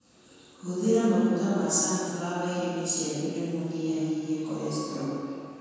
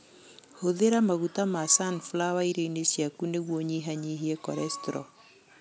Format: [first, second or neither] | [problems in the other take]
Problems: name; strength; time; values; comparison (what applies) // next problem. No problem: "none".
second | room echo; dies away in 2.1 s